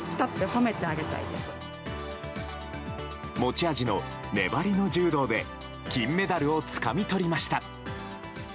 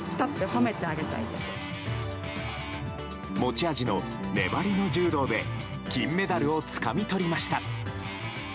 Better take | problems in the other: first | background sound (Guitar); 6 dB below the speech

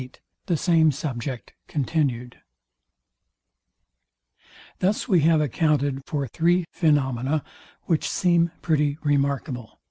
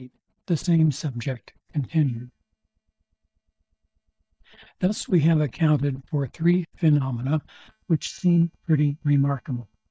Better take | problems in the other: first | noise reduction (neural mask model DeepFilterNet 3)

